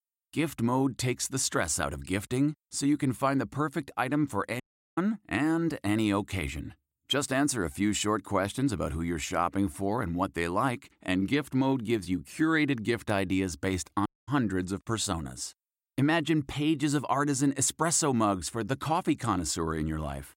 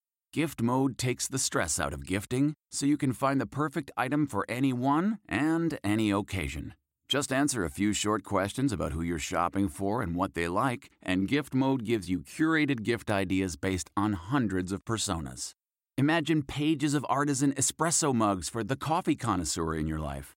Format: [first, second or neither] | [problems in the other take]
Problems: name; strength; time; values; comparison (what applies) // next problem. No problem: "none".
second | audio cutting out; at 4.5 s and at 14 s